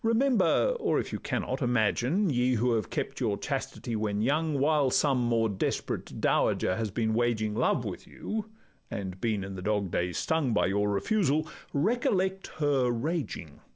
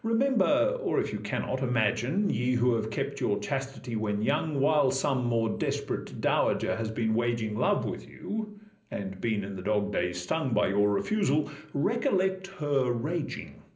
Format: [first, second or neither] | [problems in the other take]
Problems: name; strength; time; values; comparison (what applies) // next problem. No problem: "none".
first | room echo; dies away in 0.5 s